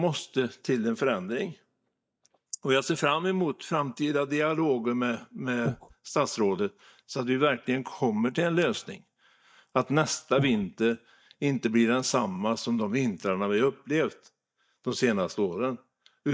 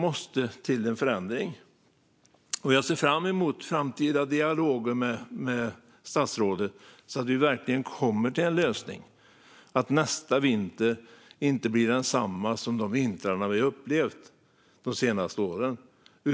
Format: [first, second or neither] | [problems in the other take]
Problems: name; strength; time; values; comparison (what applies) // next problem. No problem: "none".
second | noise reduction (neural mask model DeepFilterNet 3)